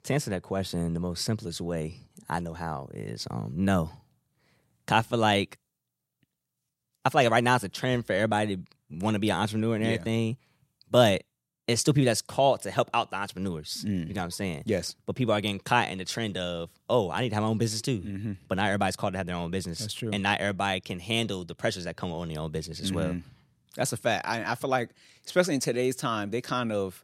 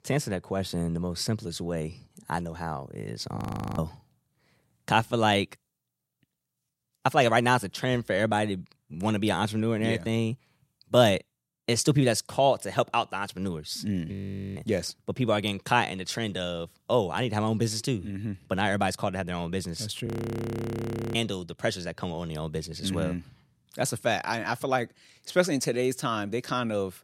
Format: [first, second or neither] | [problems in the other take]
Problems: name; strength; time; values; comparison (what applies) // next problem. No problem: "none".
first | audio freezing; at 3.5 s, at 14 s and at 20 s for 1 s